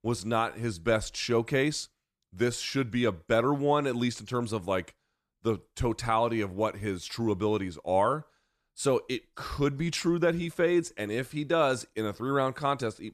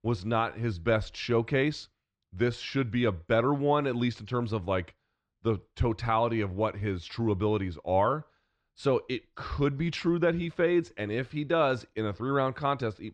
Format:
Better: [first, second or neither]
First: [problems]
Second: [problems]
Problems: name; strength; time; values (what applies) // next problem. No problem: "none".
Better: first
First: none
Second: muffled; very slightly; fading above 4 kHz